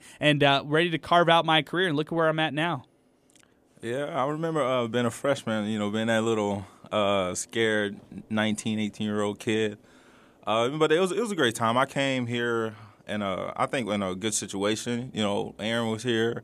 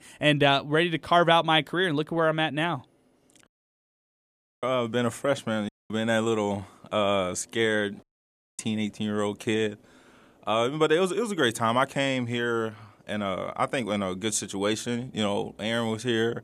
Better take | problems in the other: first | audio cutting out; at 3.5 s for 1 s, at 5.5 s and at 8 s for 0.5 s

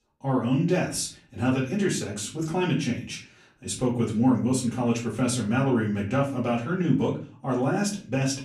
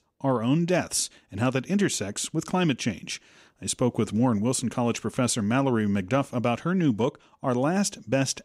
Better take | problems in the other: second | off-mic speech; far // room echo; slight; dies away in 0.4 s

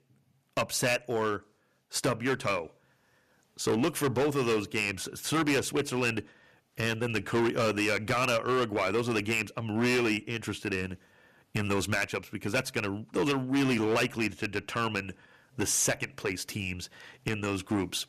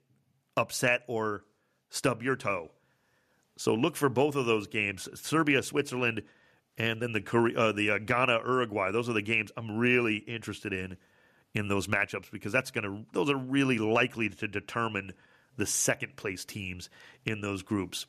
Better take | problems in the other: second | distortion; heavy; 9% of the sound clipped

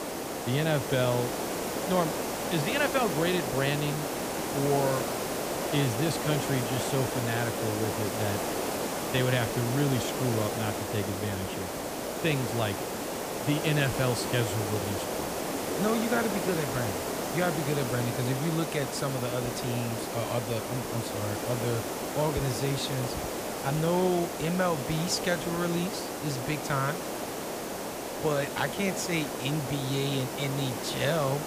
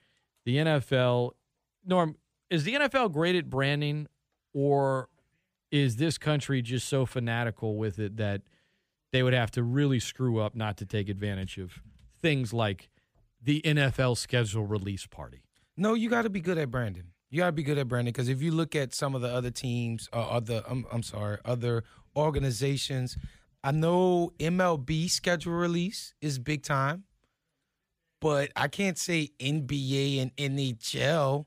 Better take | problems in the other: second | hiss; loud; throughout; 2 dB below the speech

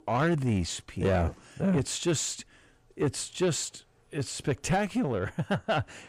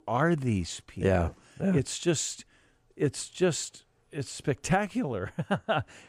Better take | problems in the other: second | distortion; slight; 10 dB below the speech

